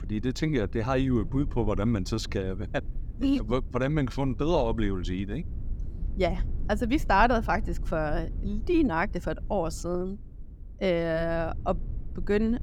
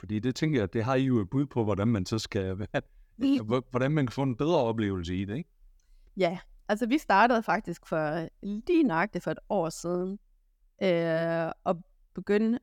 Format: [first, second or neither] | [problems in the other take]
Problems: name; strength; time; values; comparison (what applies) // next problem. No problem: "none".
second | low rumble; faint; throughout; 25 dB below the speech